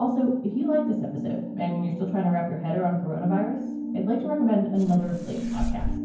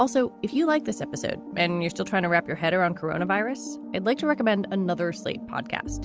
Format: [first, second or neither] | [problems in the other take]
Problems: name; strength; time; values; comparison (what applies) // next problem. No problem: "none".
second | background sound (Fireworks); 5 dB below the speech // room echo; dies away in 0.9 s